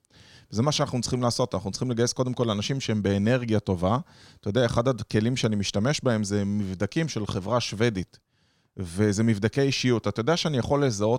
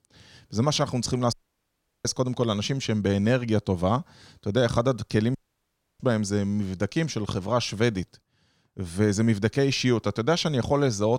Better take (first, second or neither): first